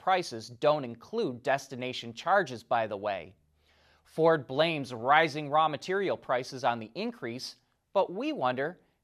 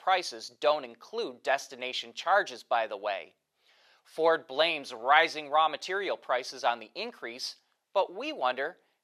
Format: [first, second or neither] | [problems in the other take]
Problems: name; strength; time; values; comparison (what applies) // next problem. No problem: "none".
first | thin; somewhat; fading below 450 Hz